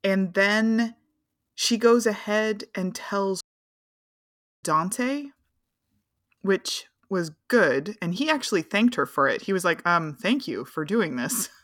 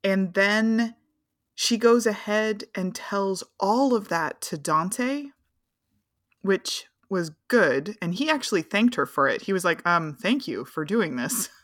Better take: second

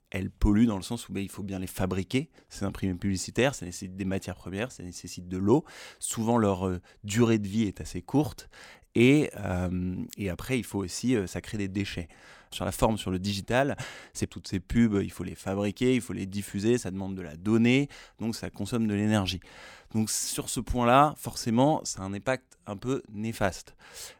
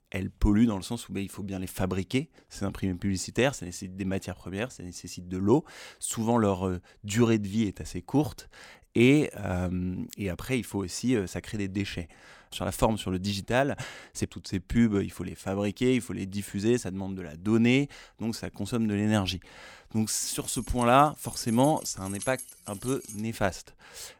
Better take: first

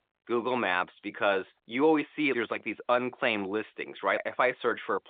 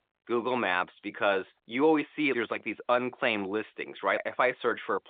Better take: neither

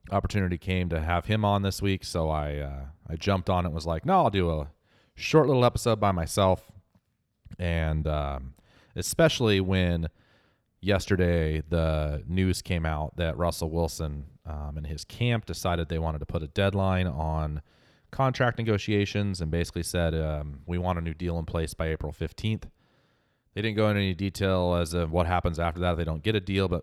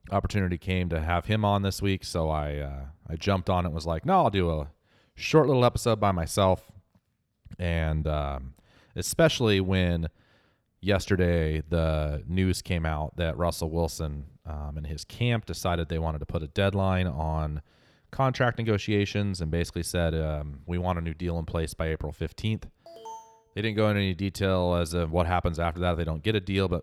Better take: first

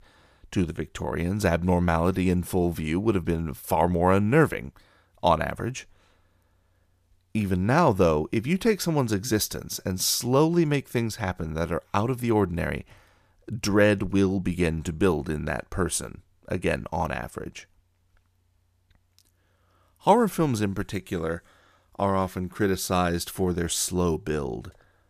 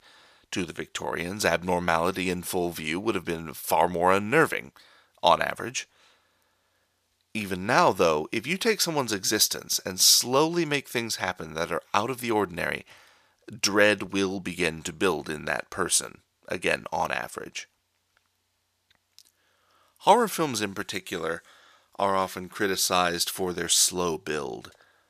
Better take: first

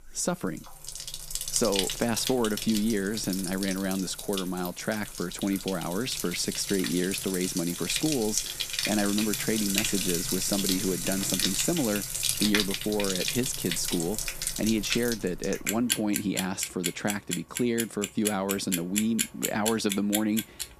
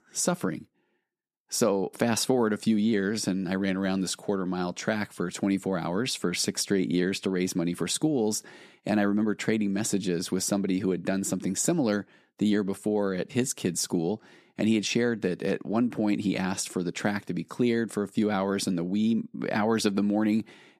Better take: second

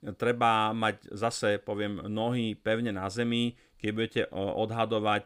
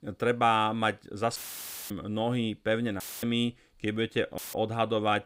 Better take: first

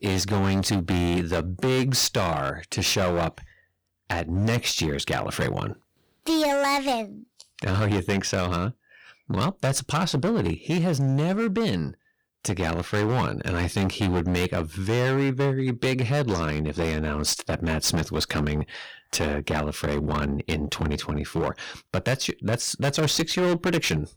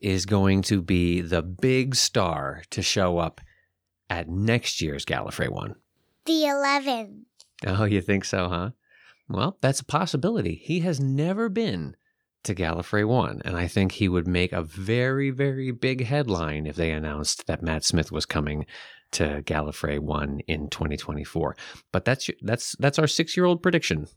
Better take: second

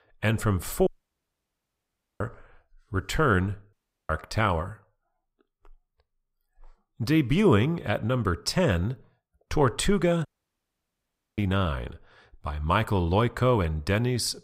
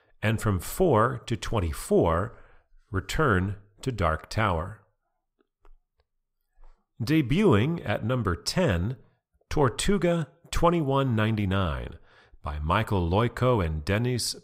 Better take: second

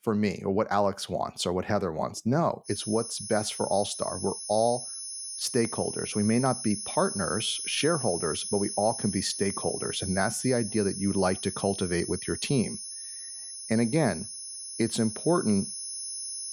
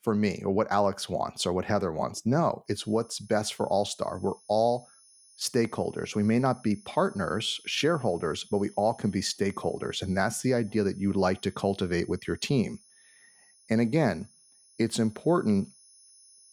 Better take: second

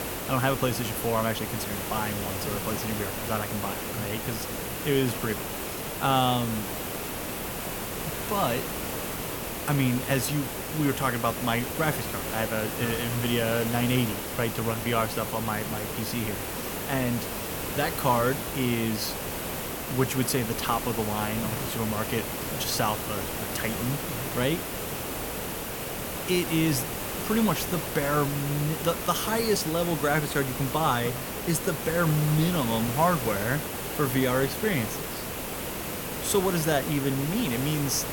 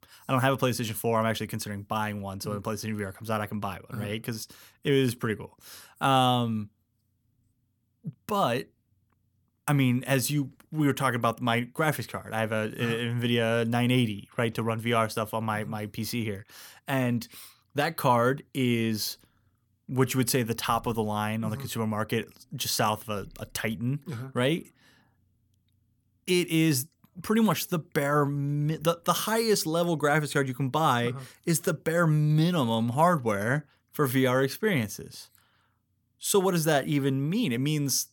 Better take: second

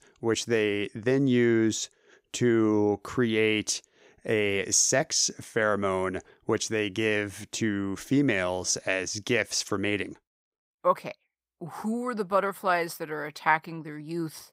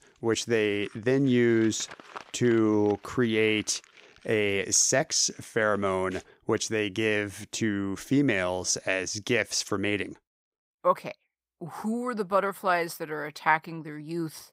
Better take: first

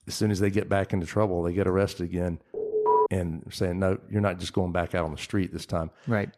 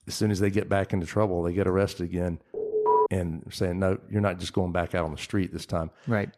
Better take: neither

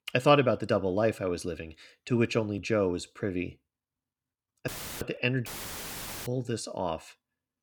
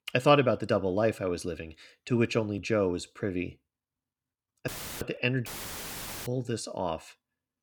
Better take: neither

